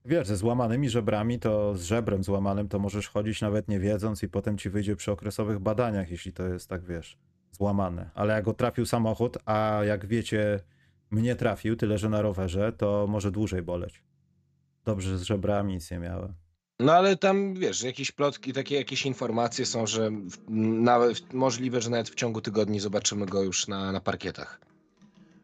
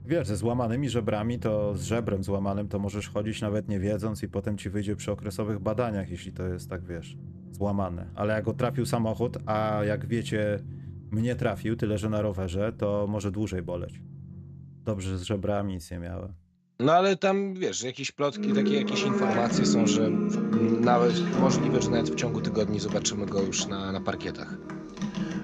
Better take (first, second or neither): first